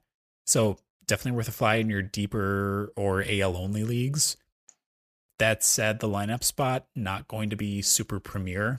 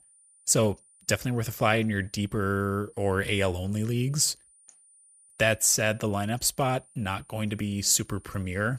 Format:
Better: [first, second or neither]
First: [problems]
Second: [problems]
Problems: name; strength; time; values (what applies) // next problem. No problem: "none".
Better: first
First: none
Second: high-pitched whine; faint; throughout; 9.5 kHz, 30 dB below the speech